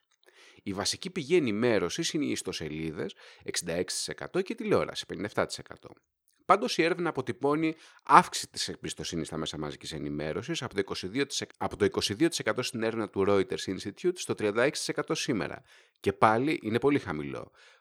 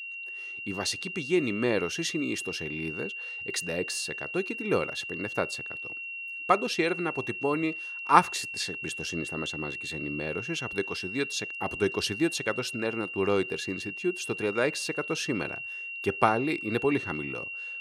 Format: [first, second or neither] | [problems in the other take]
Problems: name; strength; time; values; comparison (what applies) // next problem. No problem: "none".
first | high-pitched whine; loud; throughout; 2.5 kHz, 5 dB below the speech